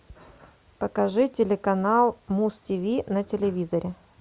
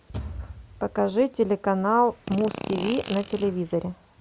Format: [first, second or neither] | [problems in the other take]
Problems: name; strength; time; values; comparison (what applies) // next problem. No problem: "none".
first | background sound (Bass drum / Thump, thud + Fart); 12 dB below the speech